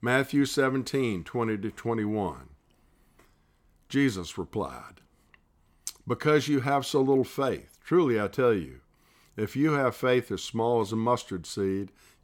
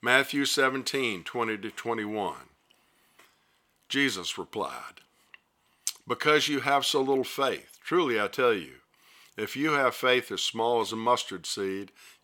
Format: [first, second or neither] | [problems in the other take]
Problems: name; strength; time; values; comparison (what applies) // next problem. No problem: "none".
first | thin; somewhat; fading below 800 Hz